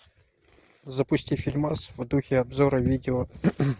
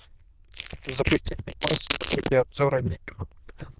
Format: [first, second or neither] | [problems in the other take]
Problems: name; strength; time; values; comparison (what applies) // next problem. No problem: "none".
first | noise reduction (neural diffusion model UNIVERSE++)